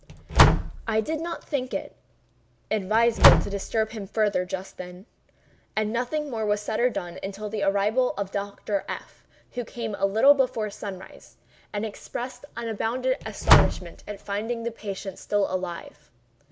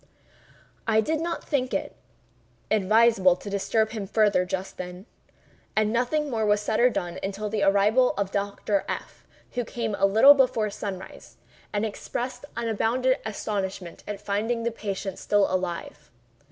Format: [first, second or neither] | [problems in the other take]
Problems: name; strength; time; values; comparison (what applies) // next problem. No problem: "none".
second | background sound (Slam); 3 dB above the speech